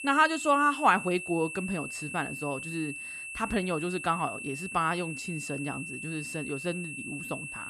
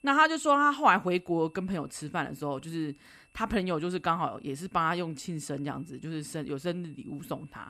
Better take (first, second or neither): second